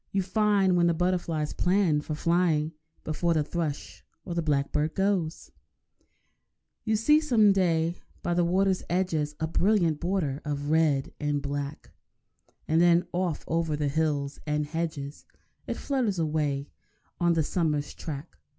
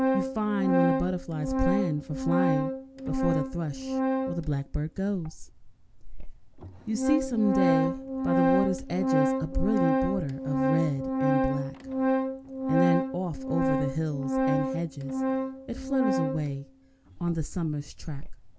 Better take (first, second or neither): first